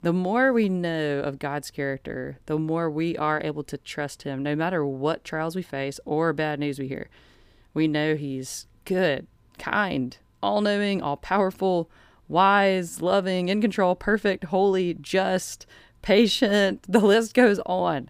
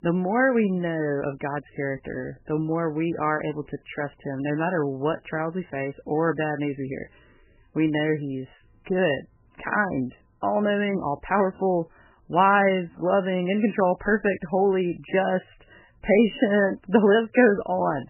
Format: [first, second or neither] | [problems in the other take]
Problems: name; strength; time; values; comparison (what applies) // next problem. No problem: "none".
first | garbled, watery; badly; nothing above 3 kHz